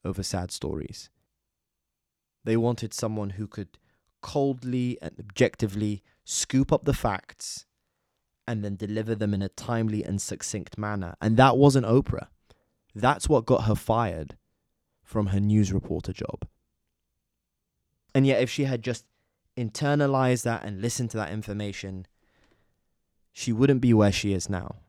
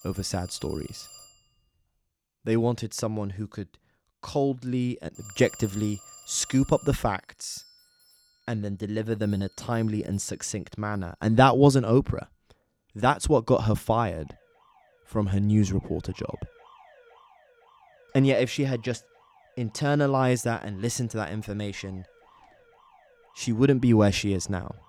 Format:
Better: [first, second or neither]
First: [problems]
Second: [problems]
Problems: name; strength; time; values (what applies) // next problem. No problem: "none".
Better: first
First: none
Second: alarms or sirens; faint; throughout; 25 dB below the speech